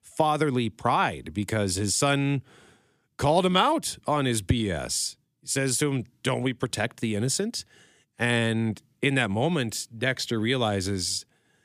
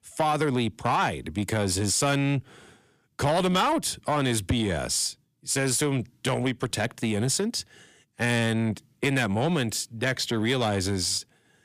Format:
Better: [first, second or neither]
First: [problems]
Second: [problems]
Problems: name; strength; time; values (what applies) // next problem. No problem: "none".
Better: first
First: none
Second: distortion; slight; 10 dB below the speech